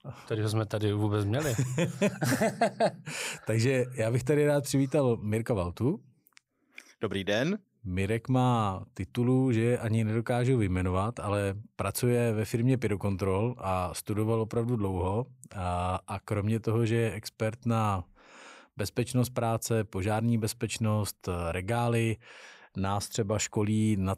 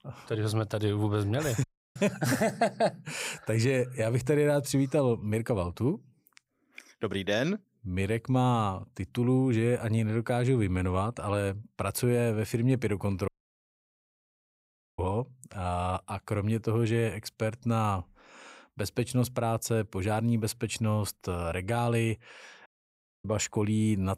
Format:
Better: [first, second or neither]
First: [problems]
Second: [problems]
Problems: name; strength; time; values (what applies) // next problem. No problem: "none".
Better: first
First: none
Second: audio cutting out; at 1.5 s, at 13 s for 1.5 s and at 23 s for 0.5 s